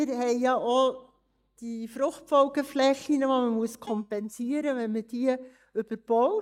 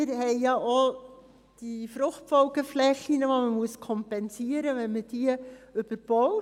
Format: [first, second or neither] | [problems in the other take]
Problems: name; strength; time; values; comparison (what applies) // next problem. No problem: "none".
second | noise reduction (neural mask model DeepFilterNet 3)